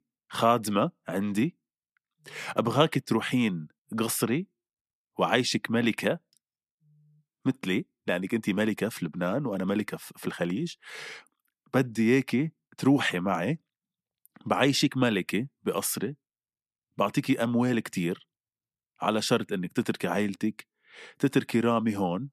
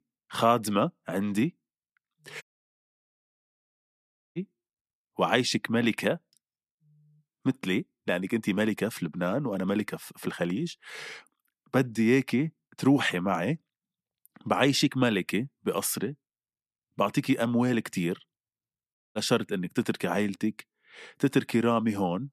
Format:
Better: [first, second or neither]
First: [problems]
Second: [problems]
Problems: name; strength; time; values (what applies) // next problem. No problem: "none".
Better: first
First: none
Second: audio cutting out; at 2.5 s for 2 s and at 19 s